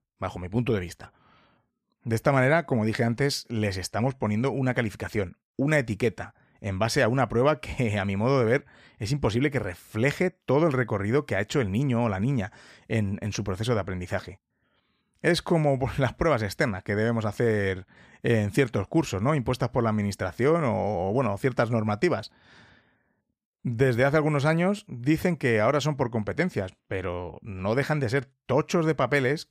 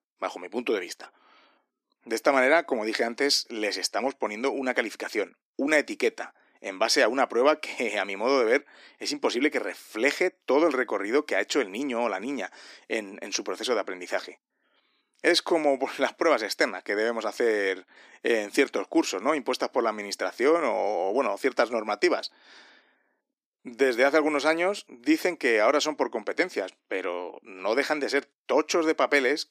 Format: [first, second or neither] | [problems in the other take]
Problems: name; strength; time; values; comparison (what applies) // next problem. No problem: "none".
first | thin; somewhat; fading below 300 Hz